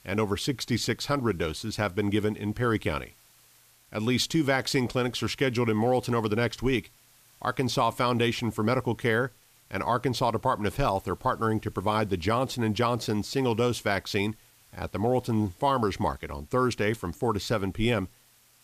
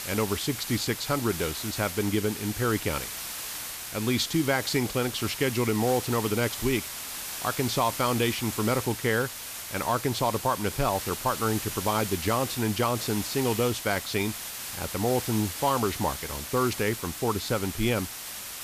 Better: first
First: hiss; faint; throughout; 30 dB below the speech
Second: hiss; loud; throughout; 6 dB below the speech

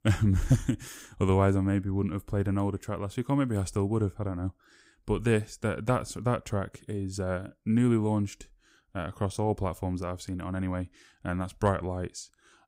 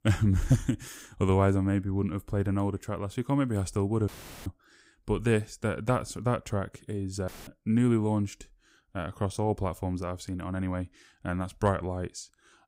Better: first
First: none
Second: audio cutting out; filled with static; at 4 s and at 7.5 s

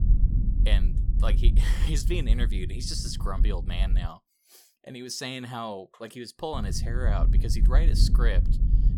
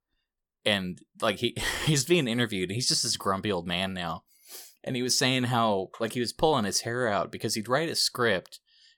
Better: second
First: low rumble; loud; until 4 s and from 6.5 s on; 9 dB below the speech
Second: none

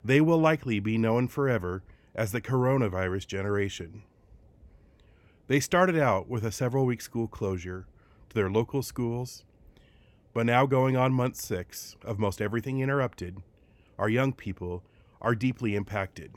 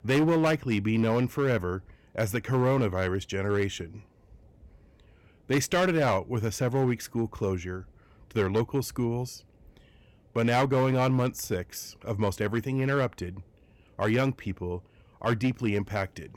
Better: first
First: none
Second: distortion; slight; 5% of the sound clipped

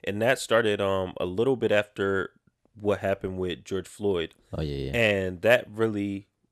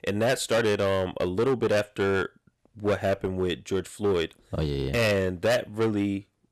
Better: first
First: none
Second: distortion; heavy; 10% of the sound clipped

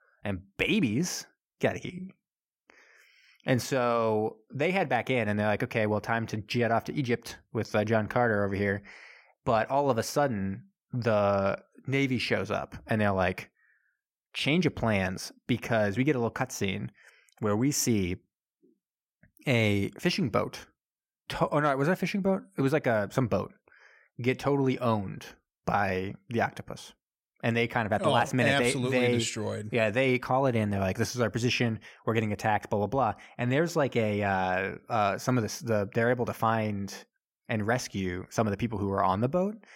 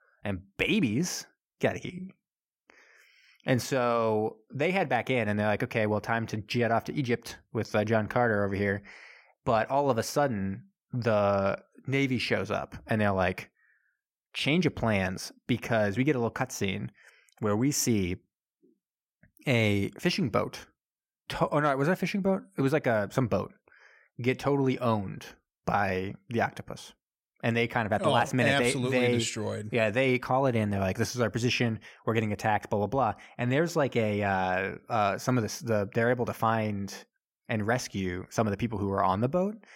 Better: neither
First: none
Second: none

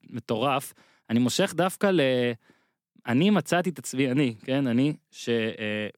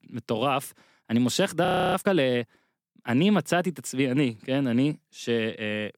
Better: first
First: none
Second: audio freezing; at 1.5 s

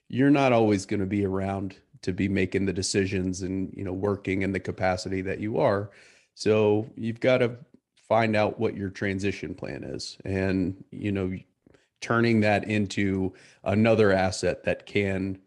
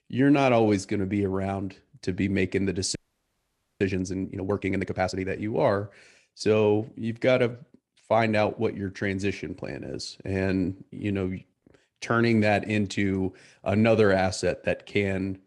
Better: first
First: none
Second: audio freezing; at 3 s for 1 s

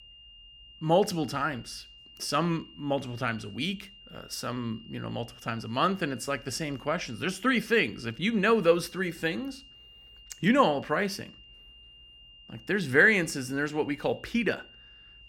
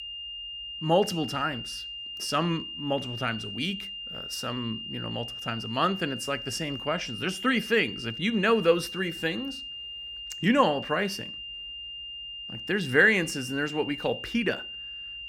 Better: first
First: high-pitched whine; faint; throughout; 3 kHz, 20 dB below the speech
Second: high-pitched whine; loud; throughout; 3 kHz, 8 dB below the speech

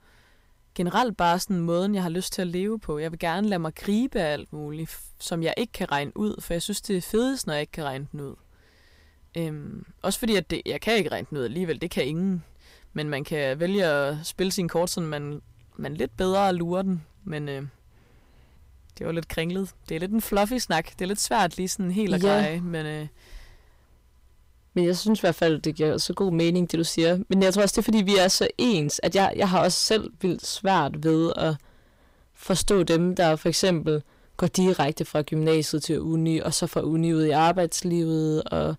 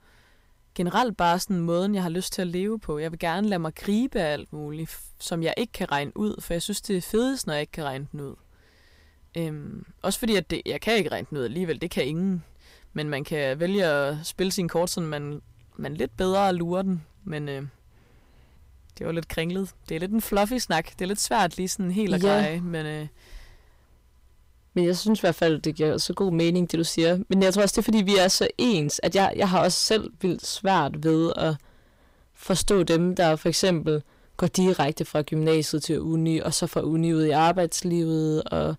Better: neither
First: distortion; slight; 10 dB below the speech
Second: distortion; slight; 10 dB below the speech

